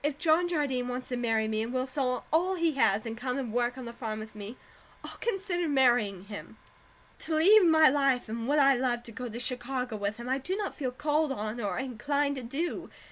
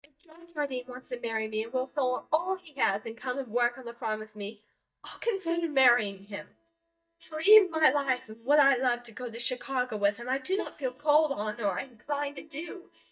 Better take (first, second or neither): first